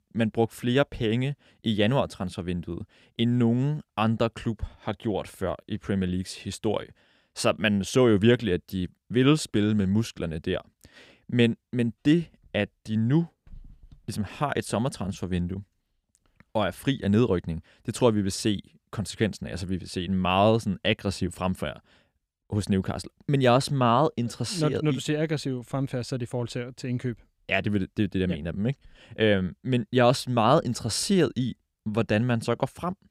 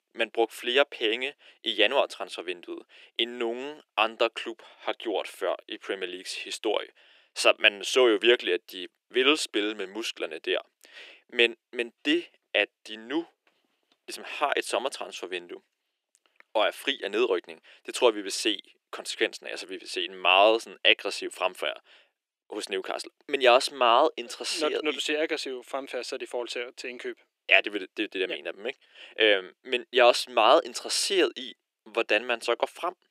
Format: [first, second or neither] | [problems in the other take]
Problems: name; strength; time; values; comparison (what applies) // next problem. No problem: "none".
first | thin; very; fading below 350 Hz